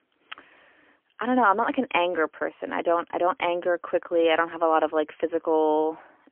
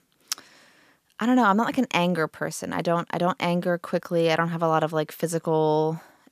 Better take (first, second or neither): second